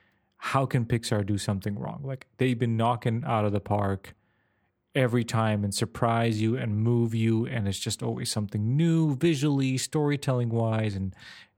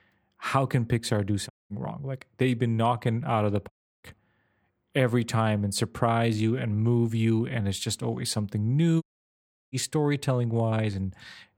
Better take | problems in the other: first | audio cutting out; at 1.5 s, at 3.5 s and at 9 s for 0.5 s

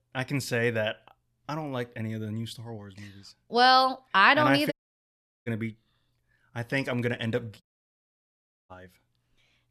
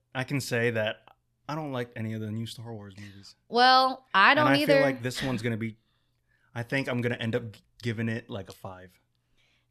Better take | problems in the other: second | audio cutting out; at 4.5 s for 0.5 s and at 7.5 s for 1 s

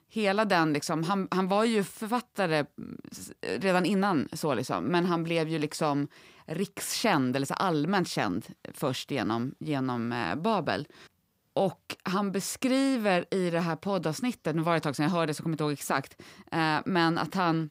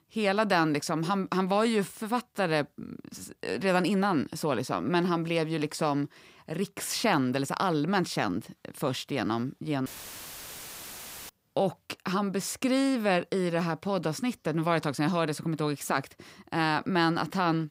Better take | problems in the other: first | audio cutting out; filled with static; at 10 s for 1.5 s

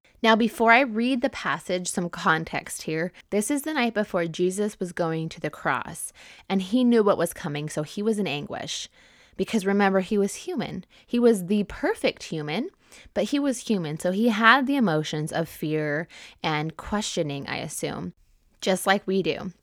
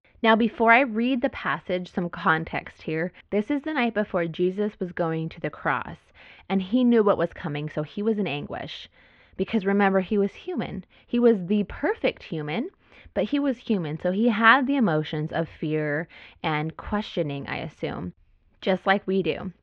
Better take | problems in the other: first | muffled; very; fading above 3 kHz

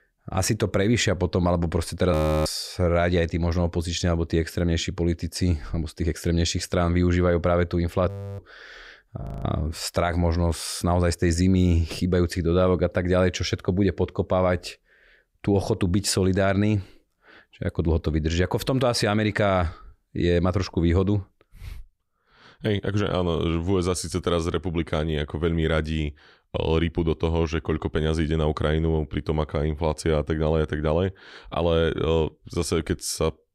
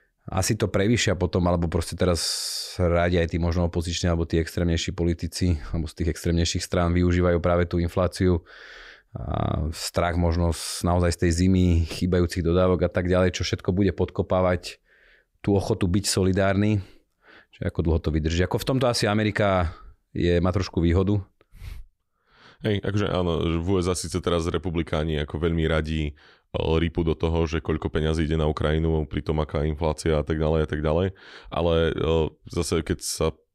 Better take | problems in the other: second | audio freezing; at 2 s, at 8 s and at 9 s

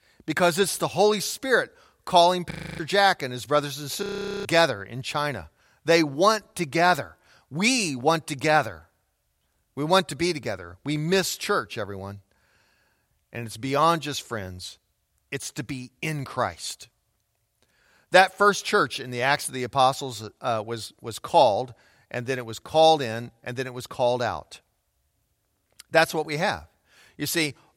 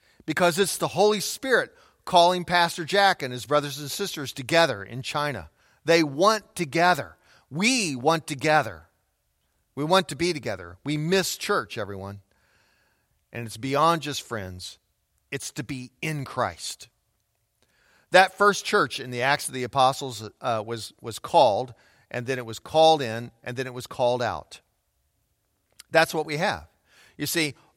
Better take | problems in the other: second | audio freezing; at 2.5 s and at 4 s

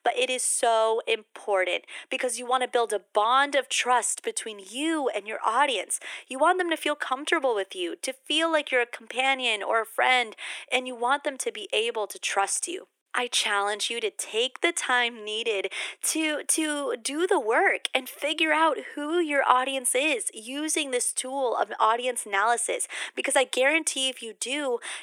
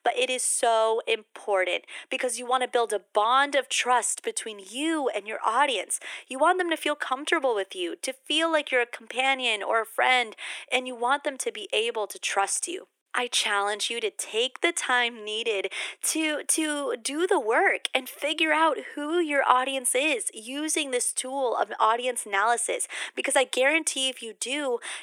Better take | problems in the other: neither | thin; very; fading below 350 Hz; the same in both

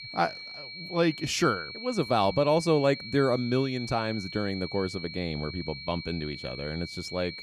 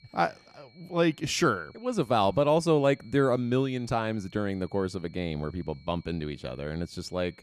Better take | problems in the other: second | high-pitched whine; loud; throughout; 2.5 kHz, 10 dB below the speech; faint in the second

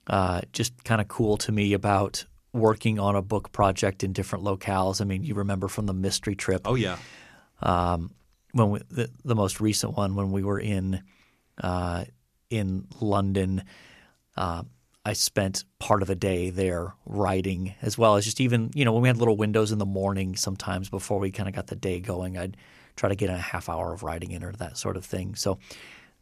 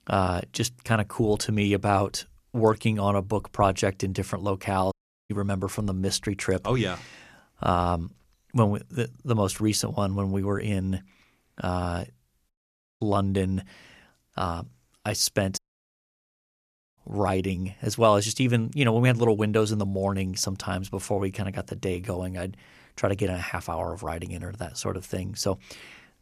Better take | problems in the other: first | audio cutting out; at 5 s, at 13 s for 0.5 s and at 16 s for 1.5 s

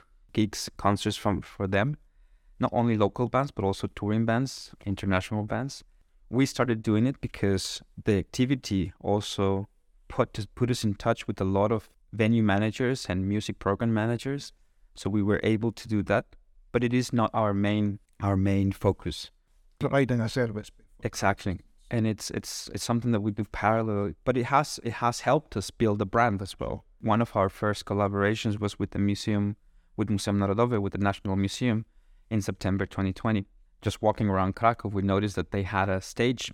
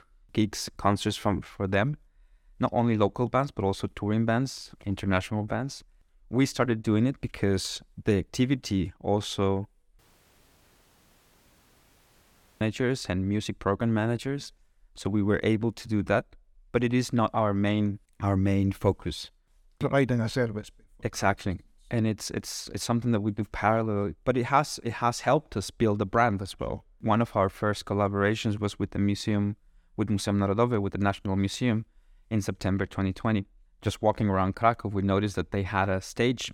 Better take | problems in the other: first | audio cutting out; at 10 s for 2.5 s

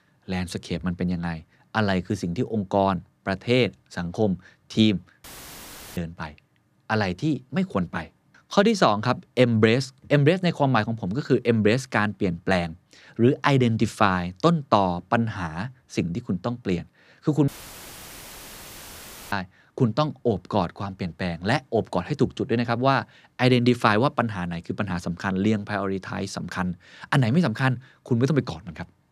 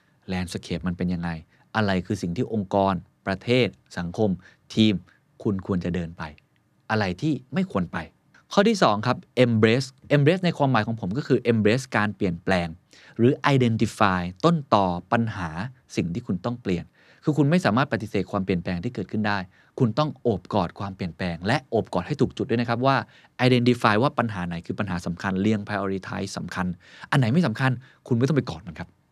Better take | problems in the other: second | audio cutting out; filled with static; at 5 s for 0.5 s and at 17 s for 2 s

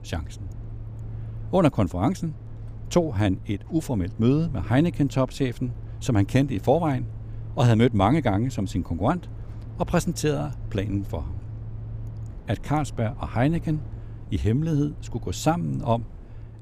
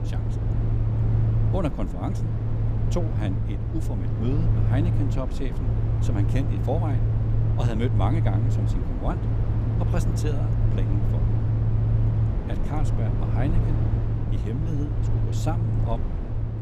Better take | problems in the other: first | low rumble; loud; throughout; 1 dB below the speech; faint in the first

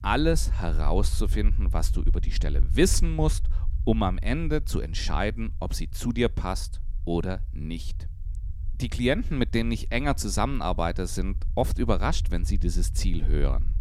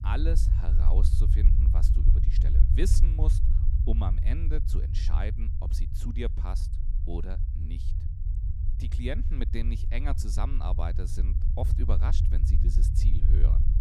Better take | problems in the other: first | low rumble; loud; throughout; 5 dB below the speech; faint in the first

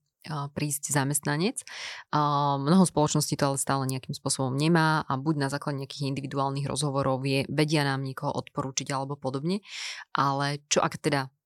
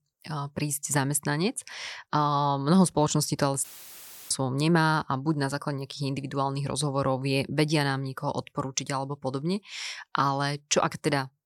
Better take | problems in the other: first | audio cutting out; filled with static; at 3.5 s for 0.5 s

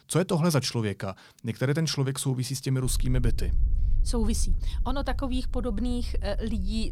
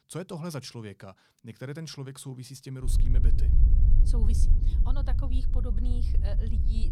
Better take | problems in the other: first | low rumble; loud; from 3 s on; 3 dB below the speech; faint in the first

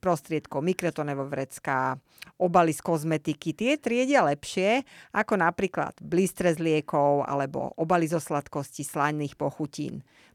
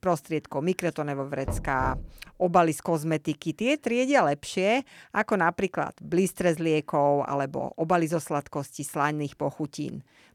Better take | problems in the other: first | door banging; noticeable; at 1.5 s; peak 7 dB below the speech

